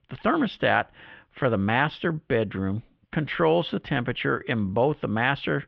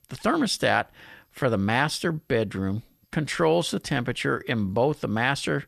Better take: second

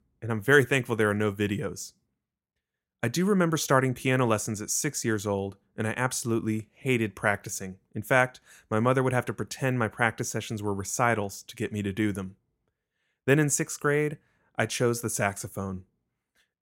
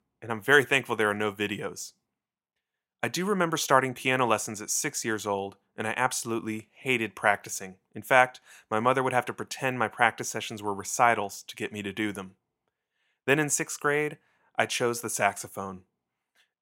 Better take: first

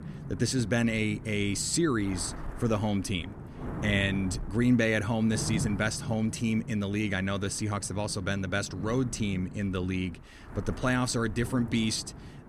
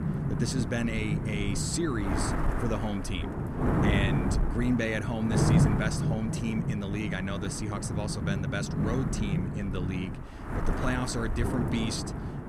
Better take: first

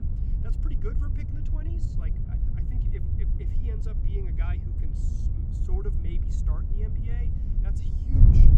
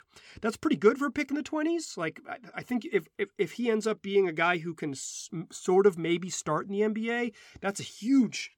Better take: second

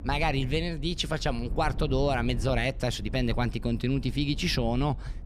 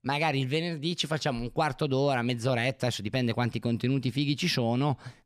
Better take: second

